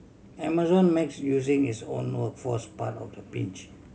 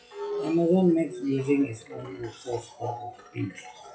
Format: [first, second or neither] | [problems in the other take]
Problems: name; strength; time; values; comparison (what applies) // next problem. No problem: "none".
first | noise reduction (classical method WPE with log-MMSE)